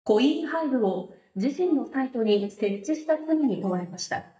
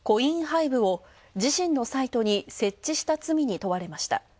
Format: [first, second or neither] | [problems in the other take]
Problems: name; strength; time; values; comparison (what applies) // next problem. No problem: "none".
second | noise reduction (neural mask model DeepFilterNet 3)